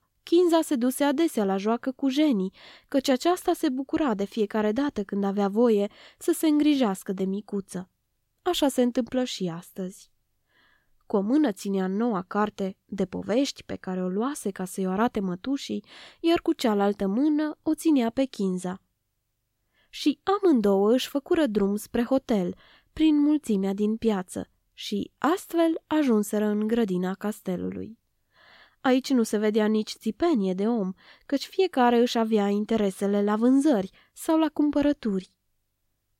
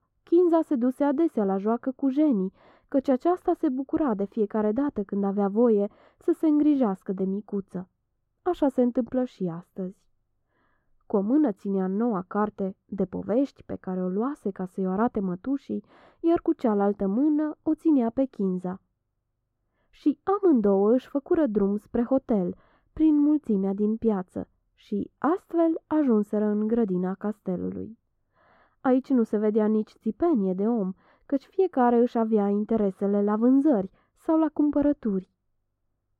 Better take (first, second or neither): first